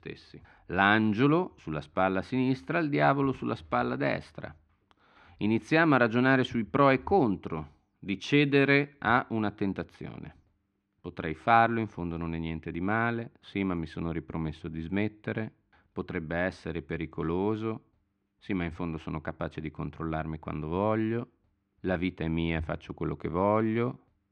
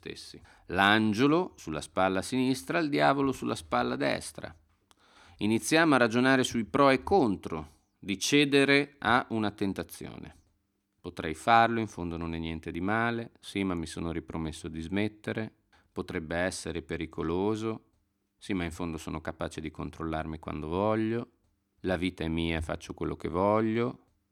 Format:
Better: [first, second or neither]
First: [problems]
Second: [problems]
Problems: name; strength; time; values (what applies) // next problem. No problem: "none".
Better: second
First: muffled; slightly; fading above 2.5 kHz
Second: none